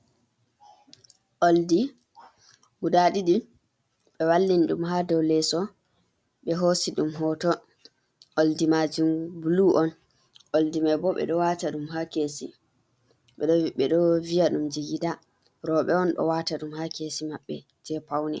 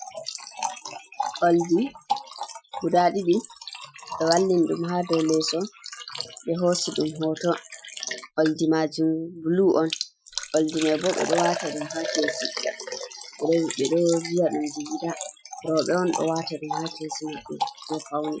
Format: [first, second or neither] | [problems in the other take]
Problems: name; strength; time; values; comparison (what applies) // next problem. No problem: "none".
first | noise reduction (classical method Wiener filter)